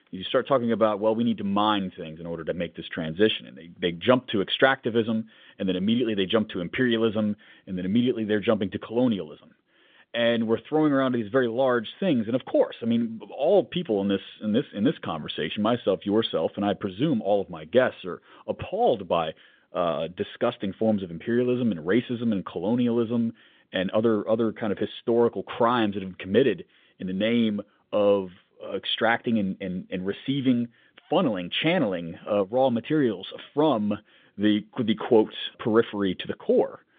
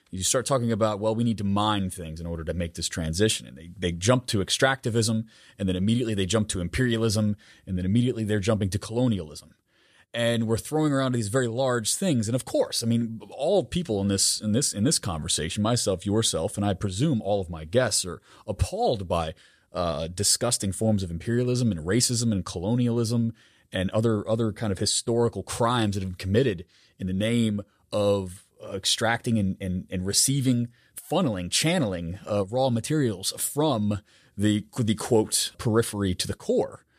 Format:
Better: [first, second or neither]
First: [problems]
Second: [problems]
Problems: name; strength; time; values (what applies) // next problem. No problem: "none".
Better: second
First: phone-call audio; nothing above 3.5 kHz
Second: none